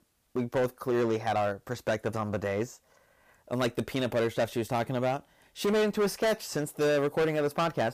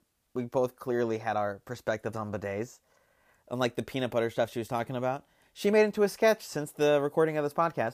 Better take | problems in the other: second | distortion; heavy; 11% of the sound clipped

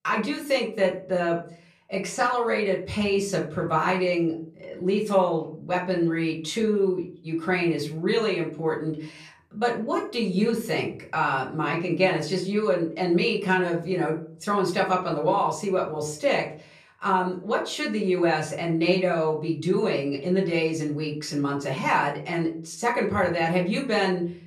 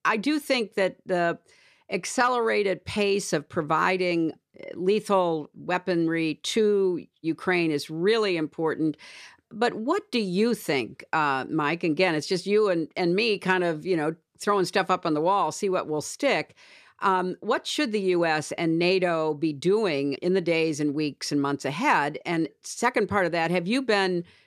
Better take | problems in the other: second | room echo; slight; dies away in 0.4 s // off-mic speech; far

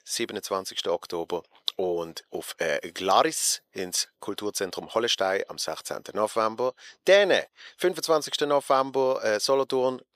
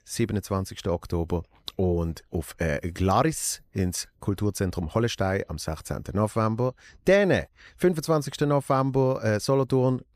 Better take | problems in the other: second | thin; very; fading below 500 Hz

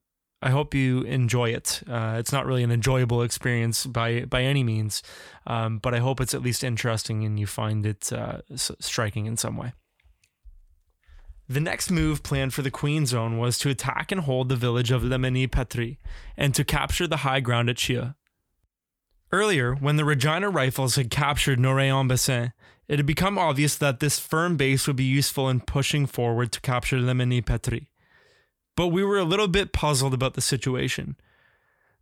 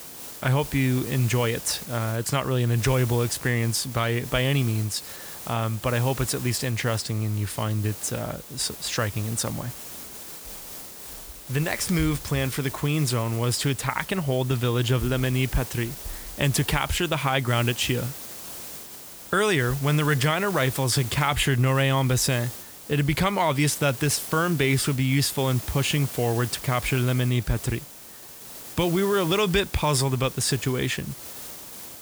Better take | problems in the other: first | hiss; noticeable; throughout; 10 dB below the speech

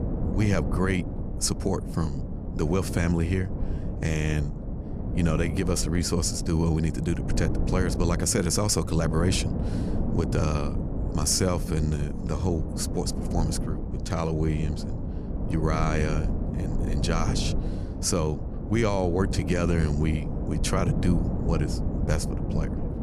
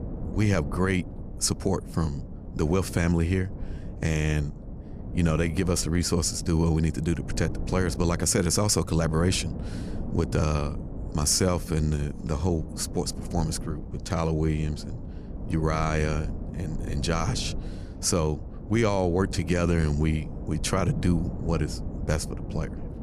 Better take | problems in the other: second | wind noise on the microphone; heavy; 8 dB below the speech; occasional gusts in the second

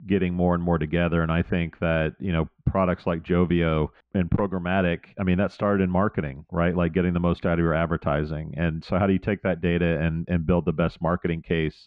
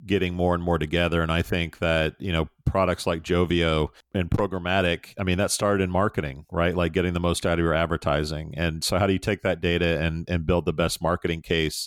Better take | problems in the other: second | muffled; very; fading above 2.5 kHz

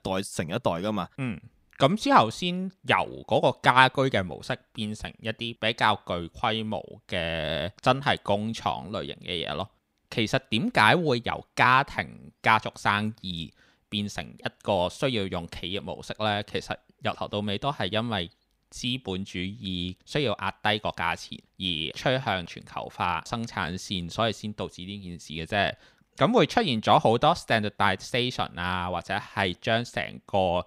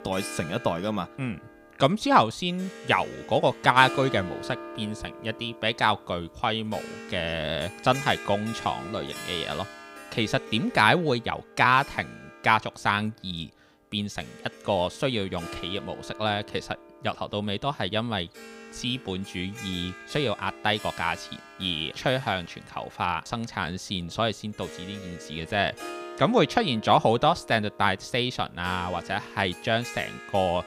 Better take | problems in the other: first | background music; noticeable; throughout; 15 dB below the speech

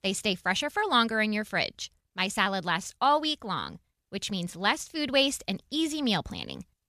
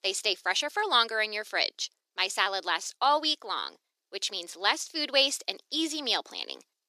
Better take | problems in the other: first | thin; somewhat; fading below 350 Hz

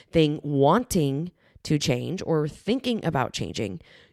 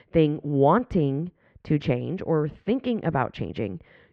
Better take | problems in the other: first | muffled; very; fading above 2 kHz

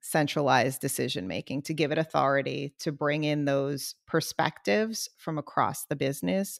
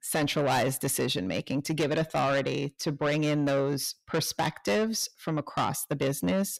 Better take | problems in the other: first | distortion; heavy; 7 dB below the speech

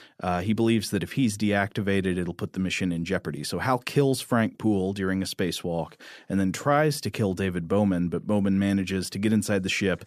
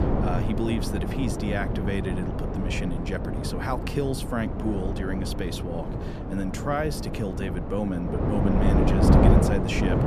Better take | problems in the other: first | wind noise on the microphone; heavy; 1 dB above the speech

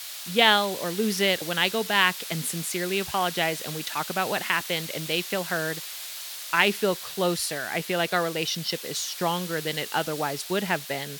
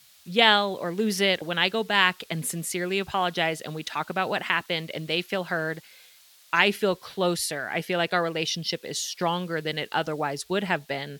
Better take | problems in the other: second | hiss; loud; throughout; 9 dB below the speech; faint in the second

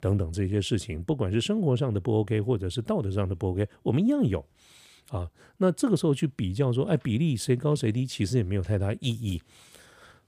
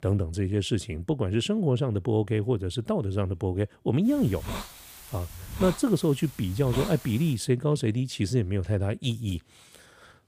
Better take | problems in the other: first | hiss; noticeable; from 4 to 7.5 s; 10 dB below the speech

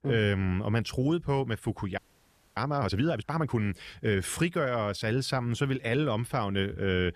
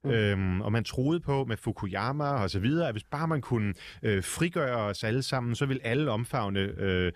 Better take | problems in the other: second | audio freezing; at 2 s for 0.5 s

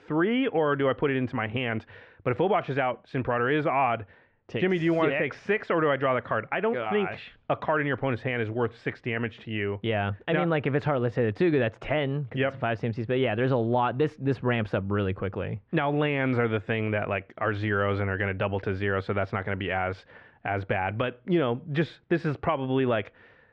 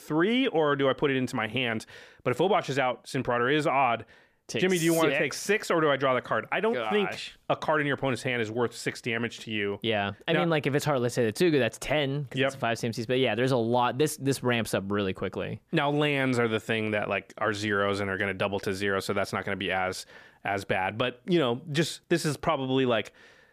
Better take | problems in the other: second | muffled; very; fading above 2.5 kHz

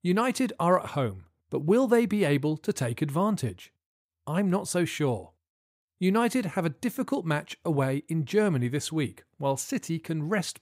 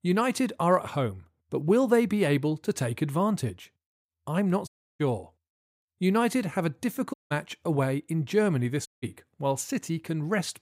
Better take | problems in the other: first | audio cutting out; at 4.5 s, at 7 s and at 9 s

